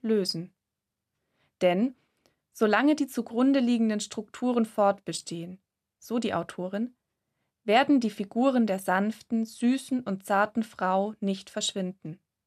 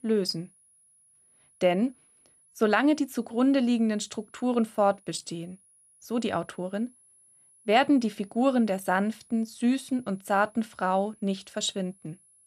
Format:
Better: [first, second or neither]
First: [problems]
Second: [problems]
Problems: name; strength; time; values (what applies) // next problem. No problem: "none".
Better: first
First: none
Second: high-pitched whine; faint; throughout; 10.5 kHz, 30 dB below the speech